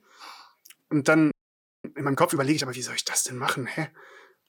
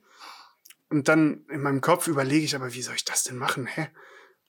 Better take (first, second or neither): second